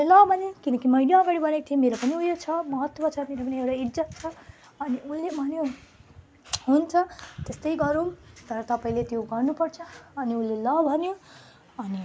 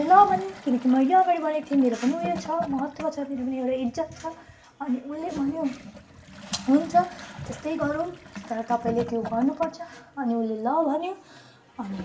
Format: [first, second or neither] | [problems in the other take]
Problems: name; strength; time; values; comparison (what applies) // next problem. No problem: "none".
first | background sound (Toilet flush / Gurgling); 16 dB below the speech // room echo; dies away in 0.5 s